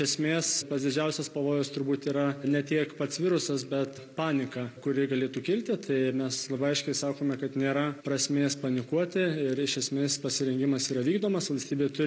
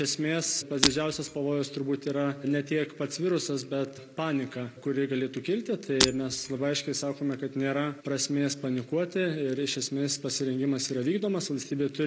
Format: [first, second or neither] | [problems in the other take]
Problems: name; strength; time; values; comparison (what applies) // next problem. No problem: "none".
first | background sound (Shatter); 2 dB below the speech